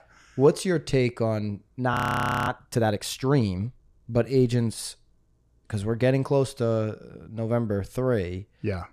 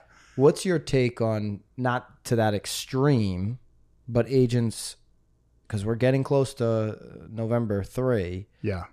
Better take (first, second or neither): second